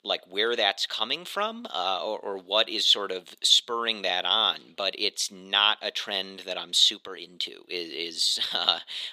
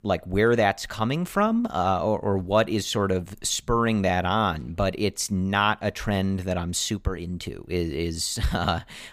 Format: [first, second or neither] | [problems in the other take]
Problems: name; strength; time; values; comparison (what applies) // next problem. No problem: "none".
second | thin; very; fading below 350 Hz